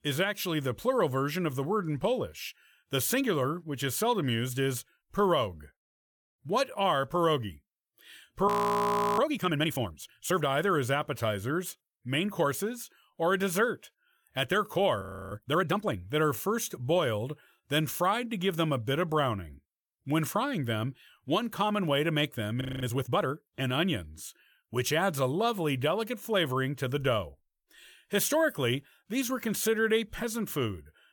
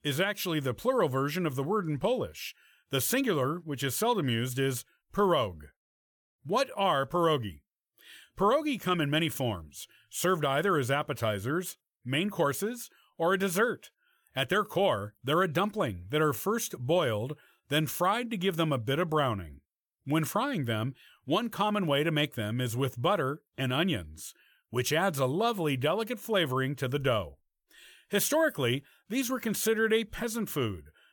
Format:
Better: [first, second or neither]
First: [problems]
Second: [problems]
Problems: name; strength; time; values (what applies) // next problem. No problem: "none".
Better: second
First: audio freezing; at 8.5 s for 0.5 s, at 15 s and at 23 s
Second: none